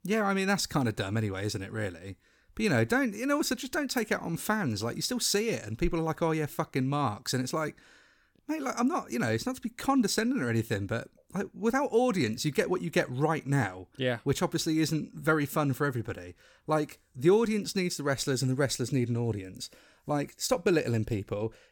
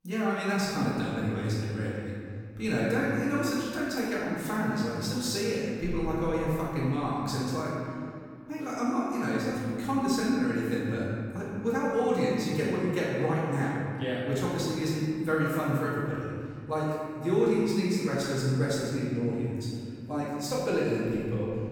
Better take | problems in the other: first | room echo; strong; dies away in 2.2 s // off-mic speech; far

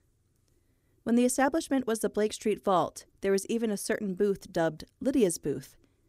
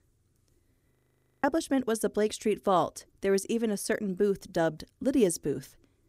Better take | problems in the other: first | audio freezing; at 1 s for 0.5 s

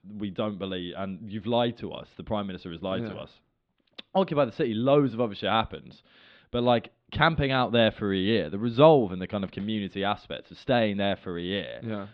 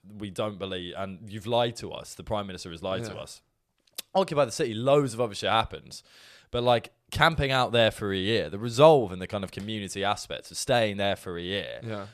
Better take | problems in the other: second | muffled; slightly; fading above 3.5 kHz

